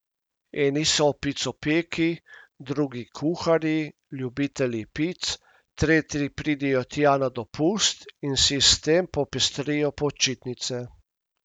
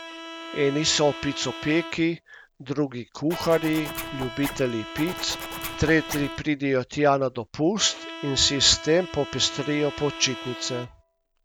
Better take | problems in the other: first | background sound (Zipper (clothing) + Bowed string instrument); 12 dB below the speech

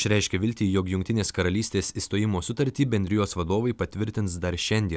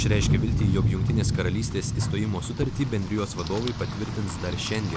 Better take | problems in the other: first | background sound (Rain); 2 dB above the speech

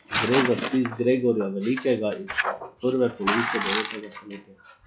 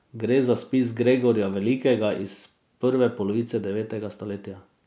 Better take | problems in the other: second | noise reduction (classical method log-MMSE)

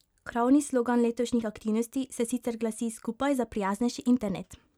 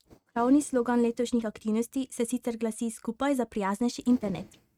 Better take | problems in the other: first | noise reduction (neural mask model RNNoise)

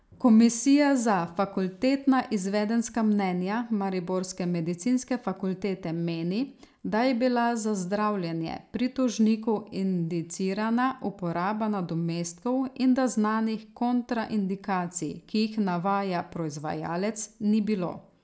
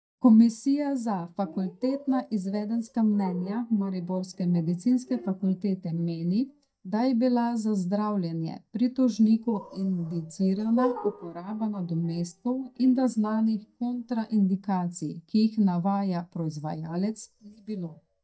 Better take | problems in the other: first | noise reduction (neural mask model DeepFilterNet 3)

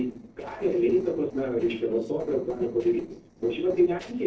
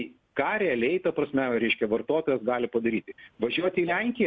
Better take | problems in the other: second | noise reduction (neural separator model SepFormer DNS4)

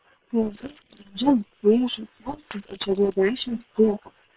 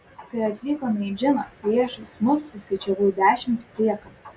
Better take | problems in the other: second | noise reduction (neural separator model SepFormer WHAM!)

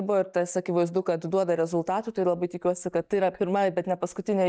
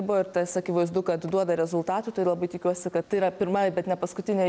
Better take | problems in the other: second | noise reduction (neural mask model DeepFilterNet 3)

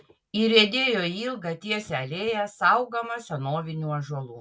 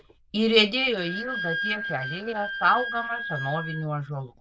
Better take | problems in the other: first | noise reduction (neural diffusion model UNIVERSE++)

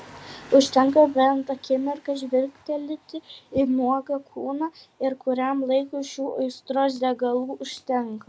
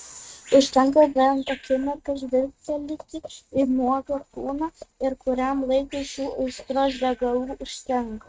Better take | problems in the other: first | noise reduction (neural mask model RNNoise)

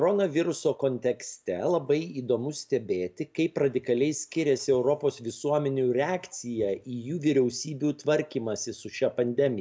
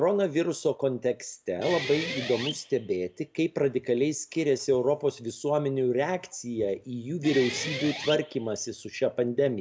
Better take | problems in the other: first | background sound (Guitar); 10 dB below the speech

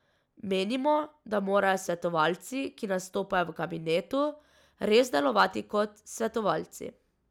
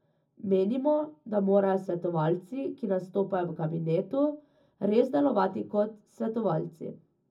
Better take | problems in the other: first | room echo; dies away in 0.4 s

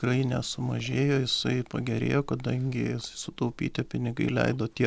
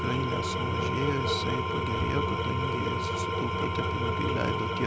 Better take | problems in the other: first | background sound (Engine / Tools); 4 dB above the speech

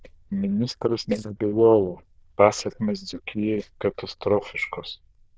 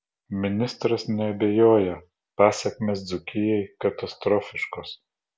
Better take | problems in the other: second | noise reduction (neural diffusion model UNIVERSE++)

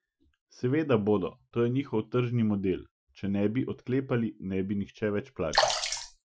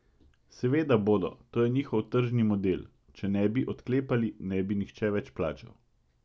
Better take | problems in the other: second | noise reduction (classical method Wiener filter)

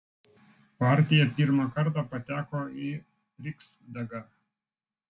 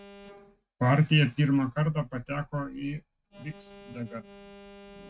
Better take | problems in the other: first | noise reduction (neural mask model RNNoise)

